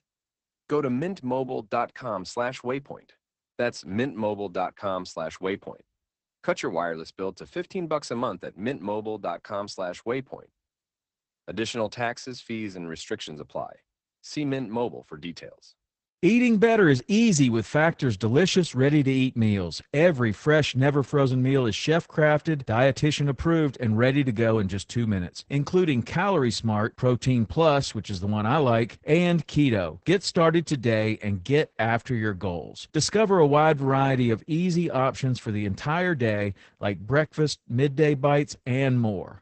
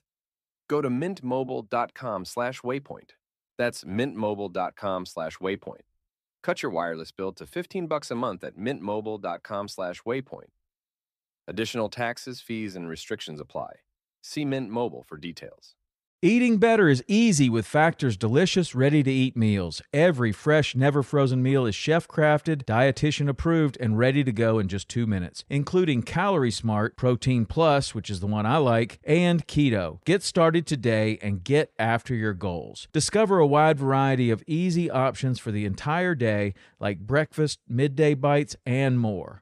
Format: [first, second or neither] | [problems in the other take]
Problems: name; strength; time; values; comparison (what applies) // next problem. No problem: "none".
second | garbled, watery; badly; nothing above 8 kHz